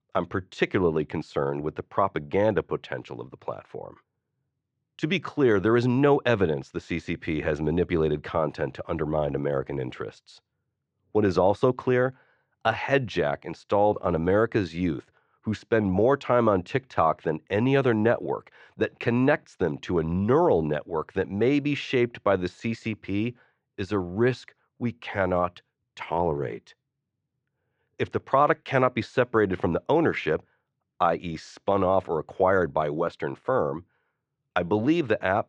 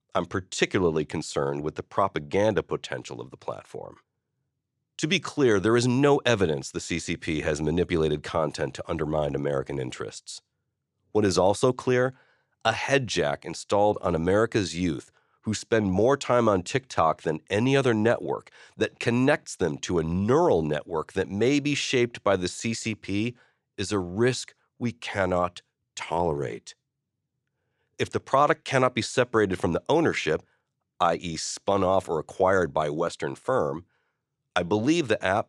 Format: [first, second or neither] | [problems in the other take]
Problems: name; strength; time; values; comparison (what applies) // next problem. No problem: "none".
second | muffled; slightly; fading above 2.5 kHz